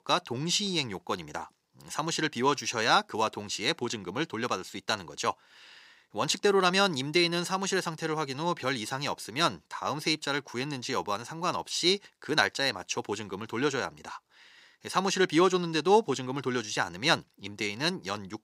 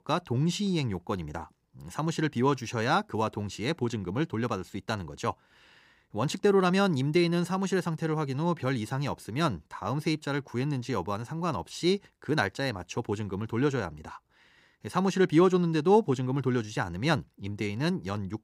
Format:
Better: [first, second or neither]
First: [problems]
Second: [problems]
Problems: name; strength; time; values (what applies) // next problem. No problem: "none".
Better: second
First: thin; somewhat; fading below 550 Hz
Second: none